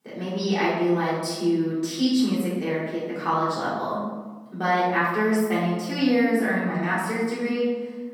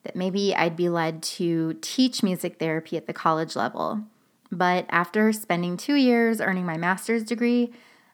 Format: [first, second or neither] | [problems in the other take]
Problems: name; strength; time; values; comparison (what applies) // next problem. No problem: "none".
second | room echo; noticeable; dies away in 1.1 s // off-mic speech; far